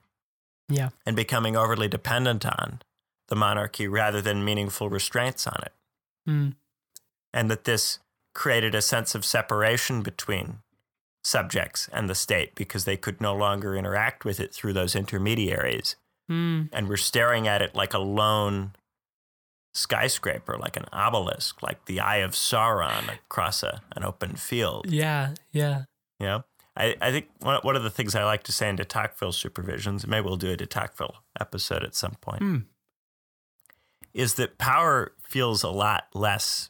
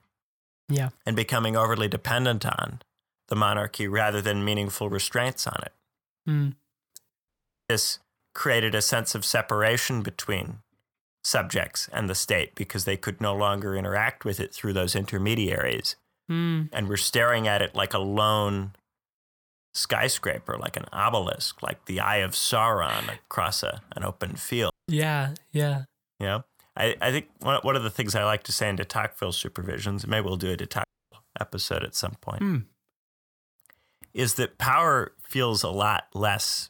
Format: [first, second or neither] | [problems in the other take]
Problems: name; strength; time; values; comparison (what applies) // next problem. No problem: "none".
first | audio cutting out; at 7.5 s, at 25 s and at 31 s